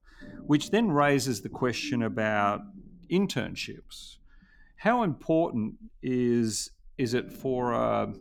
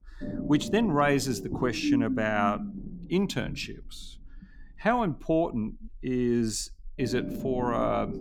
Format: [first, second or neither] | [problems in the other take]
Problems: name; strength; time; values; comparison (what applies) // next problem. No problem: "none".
first | low rumble; loud; throughout; 10 dB below the speech; faint in the first